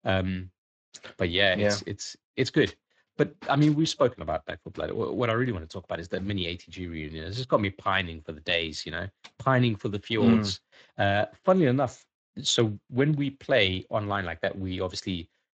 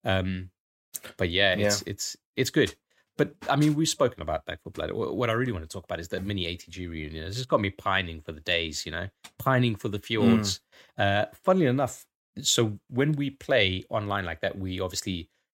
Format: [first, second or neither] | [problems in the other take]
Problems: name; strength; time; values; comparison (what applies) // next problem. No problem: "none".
second | garbled, watery; slightly; nothing above 7.5 kHz